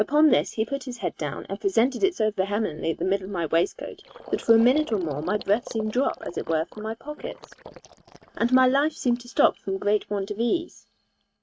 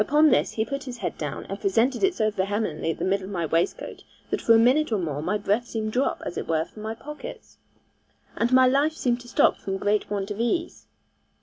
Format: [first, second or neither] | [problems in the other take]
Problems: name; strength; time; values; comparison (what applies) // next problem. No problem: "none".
second | noise reduction (neural mask model RNNoise)